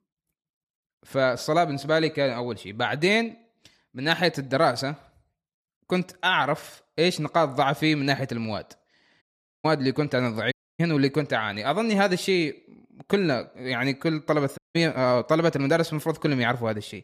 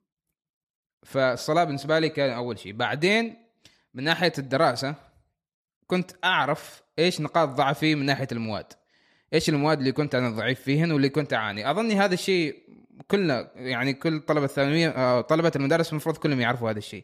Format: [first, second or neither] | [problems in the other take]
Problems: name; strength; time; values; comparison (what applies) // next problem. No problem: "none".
second | audio cutting out; at 9 s, at 11 s and at 15 s